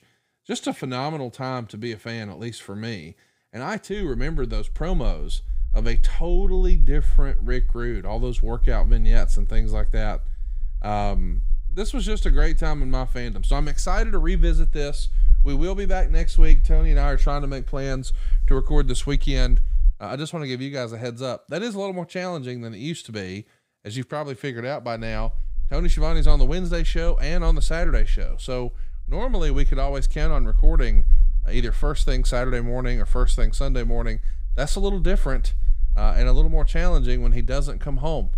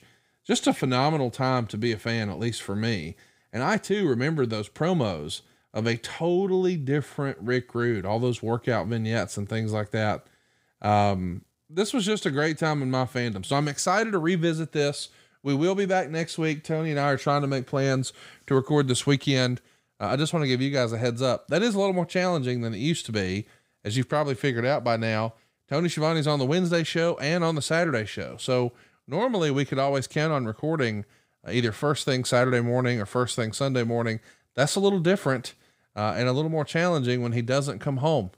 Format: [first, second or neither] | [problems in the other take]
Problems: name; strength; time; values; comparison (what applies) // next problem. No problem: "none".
second | low rumble; faint; from 4 to 20 s and from 25 s on; 25 dB below the speech